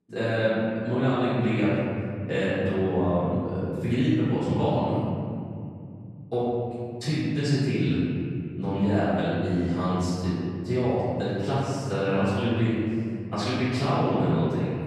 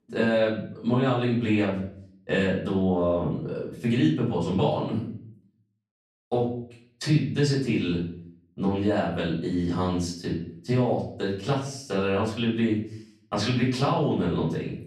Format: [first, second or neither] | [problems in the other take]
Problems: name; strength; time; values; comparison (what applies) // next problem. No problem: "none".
second | room echo; strong; dies away in 3 s; slight in the second // off-mic speech; far; far in the second